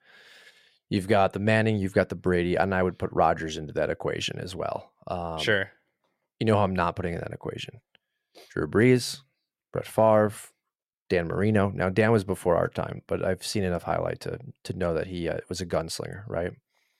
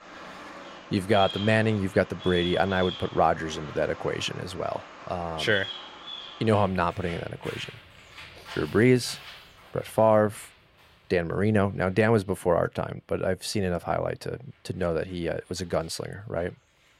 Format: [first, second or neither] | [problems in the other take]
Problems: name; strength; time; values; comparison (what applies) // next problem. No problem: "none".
first | animal sounds; noticeable; throughout; 15 dB below the speech